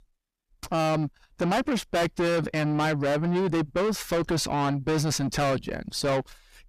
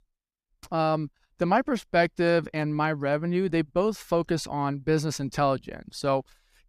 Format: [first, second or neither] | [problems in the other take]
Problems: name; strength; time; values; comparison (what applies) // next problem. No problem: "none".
second | distortion; heavy; 6 dB below the speech